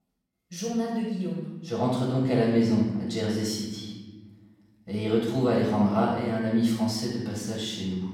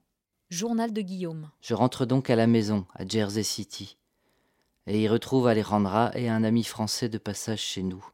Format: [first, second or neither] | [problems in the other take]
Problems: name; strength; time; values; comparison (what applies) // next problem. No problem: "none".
second | off-mic speech; far // room echo; noticeable; dies away in 1.1 s